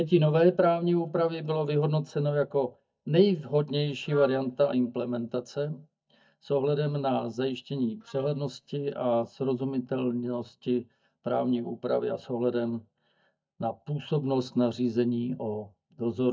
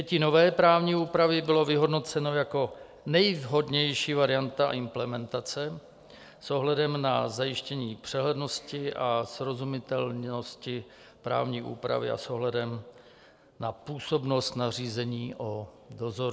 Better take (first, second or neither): second